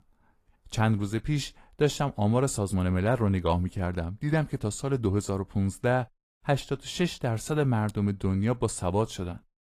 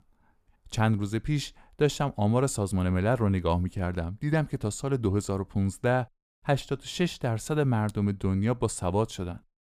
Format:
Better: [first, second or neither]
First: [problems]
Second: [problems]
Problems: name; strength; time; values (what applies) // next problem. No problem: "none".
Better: second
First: garbled, watery; slightly; nothing above 15 kHz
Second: none